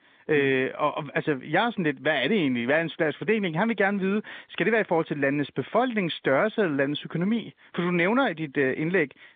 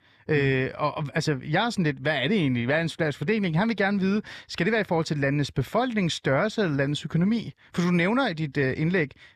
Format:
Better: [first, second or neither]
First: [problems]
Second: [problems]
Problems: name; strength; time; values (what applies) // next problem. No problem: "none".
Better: second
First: phone-call audio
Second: none